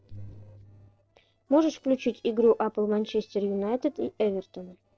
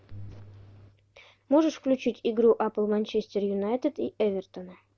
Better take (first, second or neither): second